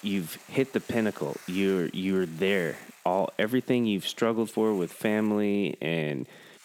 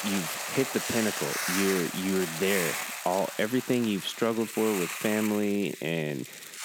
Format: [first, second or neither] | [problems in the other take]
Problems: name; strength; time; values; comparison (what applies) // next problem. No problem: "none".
first | hiss; loud; throughout; 3 dB below the speech; faint in the first